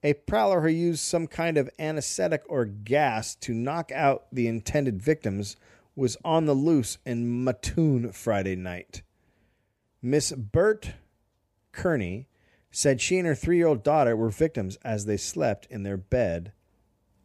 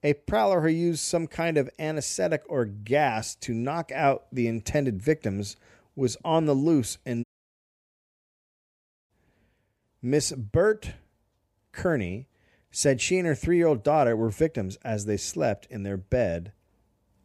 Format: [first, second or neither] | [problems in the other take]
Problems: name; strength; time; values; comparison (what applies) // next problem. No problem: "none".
first | audio cutting out; at 7 s for 2 s